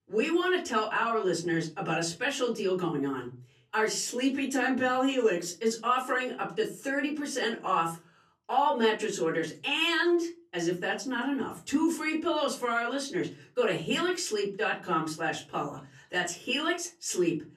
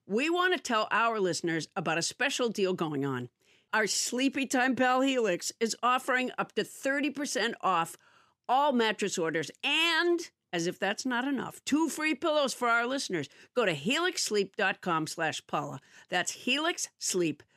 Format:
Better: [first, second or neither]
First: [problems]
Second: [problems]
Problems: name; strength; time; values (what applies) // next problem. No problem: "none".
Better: second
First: off-mic speech; far // room echo; very slight; dies away in 0.3 s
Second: none